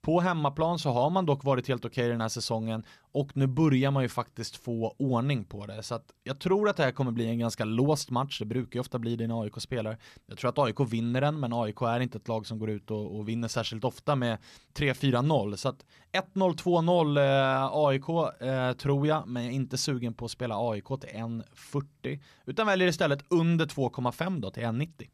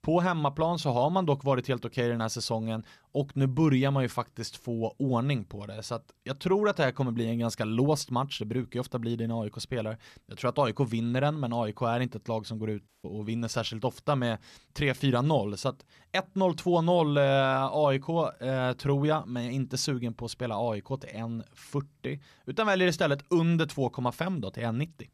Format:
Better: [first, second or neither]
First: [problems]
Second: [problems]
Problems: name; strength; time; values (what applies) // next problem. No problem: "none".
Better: first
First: none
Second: audio cutting out; at 13 s